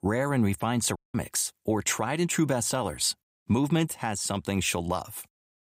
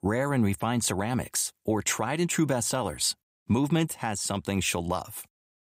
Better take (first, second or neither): second